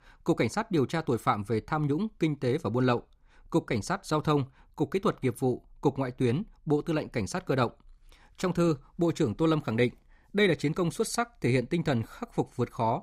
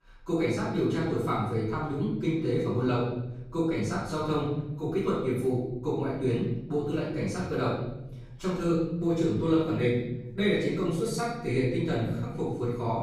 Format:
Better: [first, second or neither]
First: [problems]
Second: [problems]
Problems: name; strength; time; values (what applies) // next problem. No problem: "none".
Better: first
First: none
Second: off-mic speech; far // room echo; noticeable; dies away in 1 s